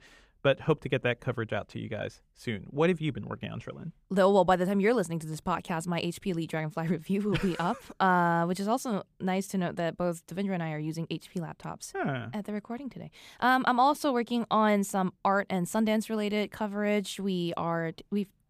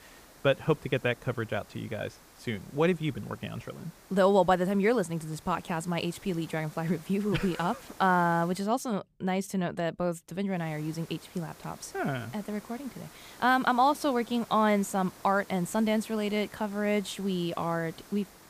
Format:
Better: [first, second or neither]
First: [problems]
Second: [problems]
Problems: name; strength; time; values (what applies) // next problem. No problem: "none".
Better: first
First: none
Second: hiss; faint; until 8.5 s and from 11 s on; 20 dB below the speech